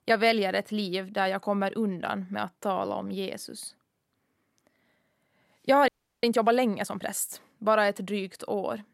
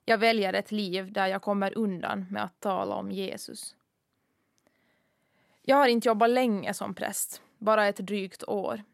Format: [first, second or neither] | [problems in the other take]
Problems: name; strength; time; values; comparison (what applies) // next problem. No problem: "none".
second | audio freezing; at 6 s